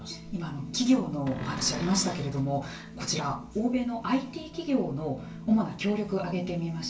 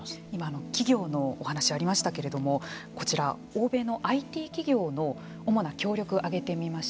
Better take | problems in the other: second | background sound (Cupboard open or close); 10 dB below the speech // room echo; dies away in 0.3 s

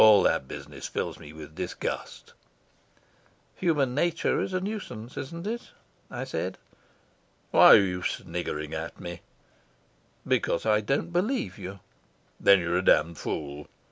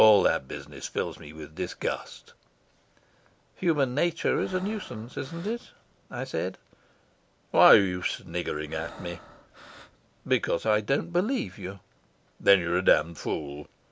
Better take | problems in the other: first | background sound (Breathing); 19 dB below the speech

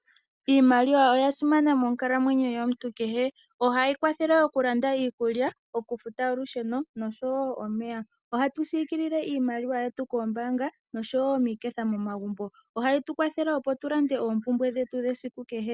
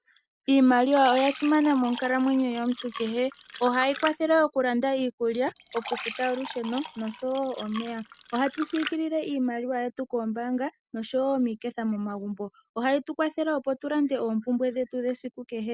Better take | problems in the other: first | background sound (Fill (with liquid)); 13 dB below the speech

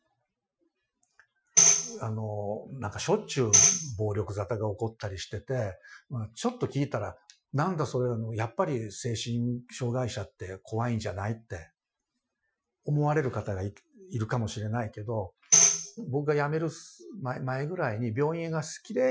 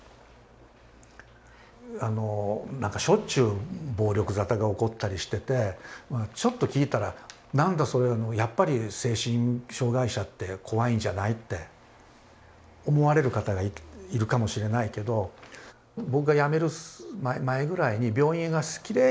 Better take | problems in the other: second | noise reduction (classical method Wiener filter)

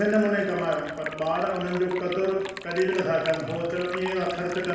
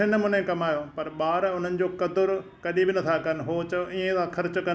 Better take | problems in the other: second | background sound (Liquid); 14 dB below the speech // room echo; dies away in 1 s

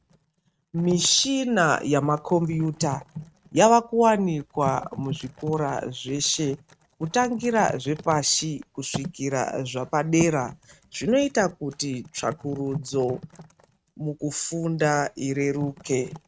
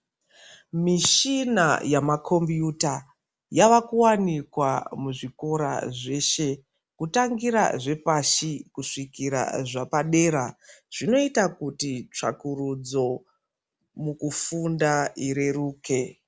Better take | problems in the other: second | noise reduction (neural mask model RNNoise)

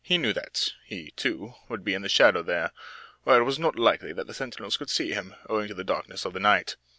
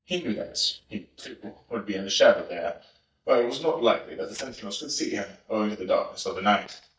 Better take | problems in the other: first | noise reduction (neural mask model DeepFilterNet 3)

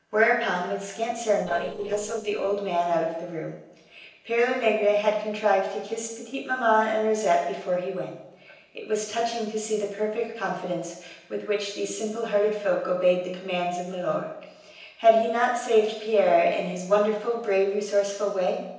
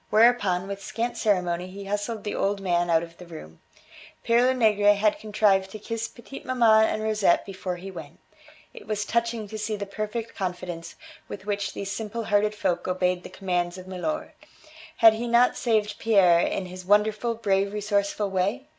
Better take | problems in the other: second | noise reduction (neural separator model SepFormer DNS4)

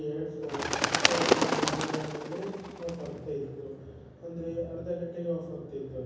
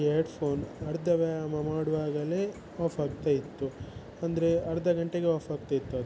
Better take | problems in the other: second | background sound (Bird); 5 dB above the speech // room echo; dies away in 1.1 s

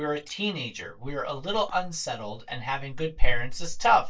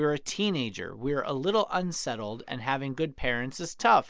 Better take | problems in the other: second | noise reduction (neural mask model DeepFilterNet 3)

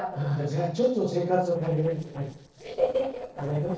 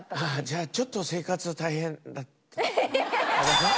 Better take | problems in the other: second | noise reduction (neural separator model SepFormer DNS4)

